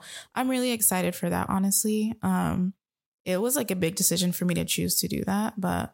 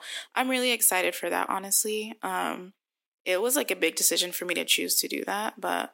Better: first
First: none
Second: thin; somewhat; fading below 300 Hz

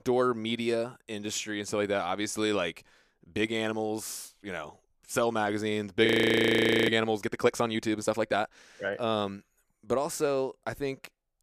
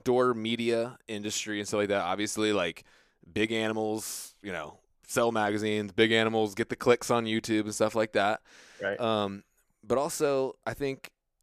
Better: second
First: audio freezing; at 6 s for 1 s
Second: none

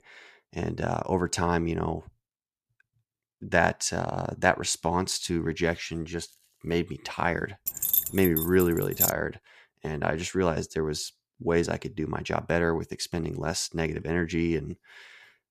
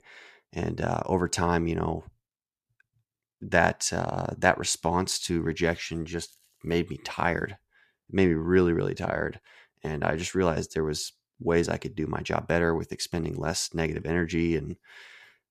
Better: second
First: jangling keys; loud; from 7.5 to 9 s; peak 5 dB above the speech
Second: none

